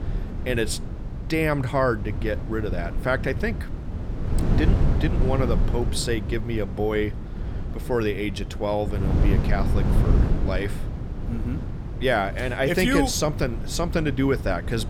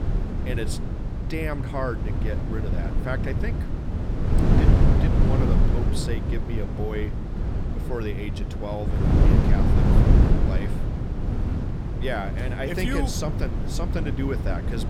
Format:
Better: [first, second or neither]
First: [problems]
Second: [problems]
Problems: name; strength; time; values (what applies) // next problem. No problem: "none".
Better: first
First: wind noise on the microphone; occasional gusts; 10 dB below the speech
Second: wind noise on the microphone; heavy; as loud as the speech